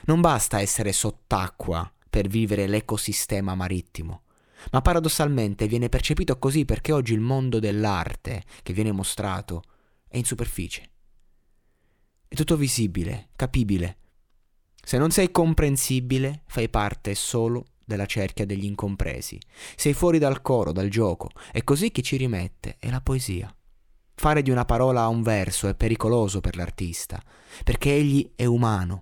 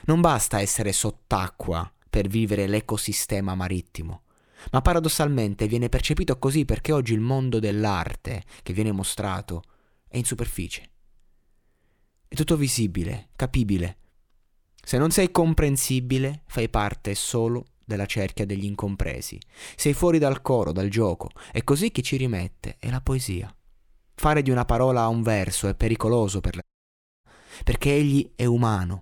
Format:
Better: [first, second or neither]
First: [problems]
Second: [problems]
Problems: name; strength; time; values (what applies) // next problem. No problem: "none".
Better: first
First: none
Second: audio cutting out; at 27 s for 0.5 s